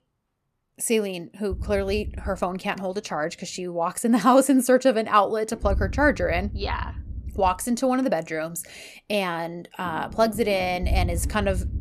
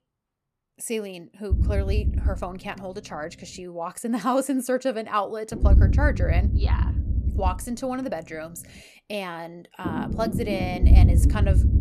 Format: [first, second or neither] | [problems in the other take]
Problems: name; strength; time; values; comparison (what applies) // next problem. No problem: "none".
first | low rumble; loud; from 1.5 to 3.5 s, from 5.5 to 9 s and from 10 s on; 7 dB below the speech; faint in the first